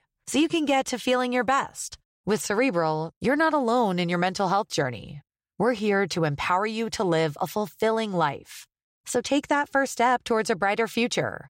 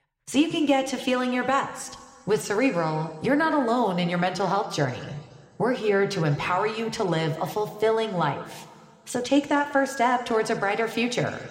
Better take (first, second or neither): first